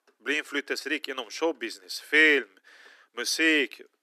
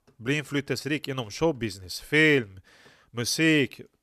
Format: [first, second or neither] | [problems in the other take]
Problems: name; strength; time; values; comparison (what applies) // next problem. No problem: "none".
second | thin; somewhat; fading below 300 Hz